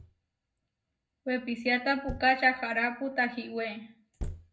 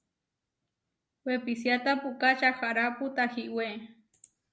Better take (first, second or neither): second